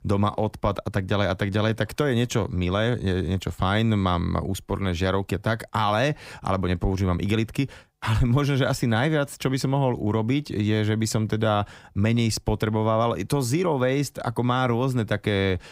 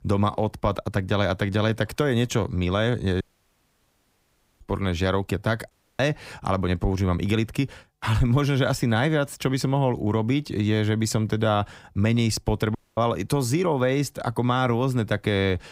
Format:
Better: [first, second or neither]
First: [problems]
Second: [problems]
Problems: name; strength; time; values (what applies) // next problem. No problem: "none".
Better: first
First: none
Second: audio cutting out; at 3 s for 1.5 s, at 5.5 s and at 13 s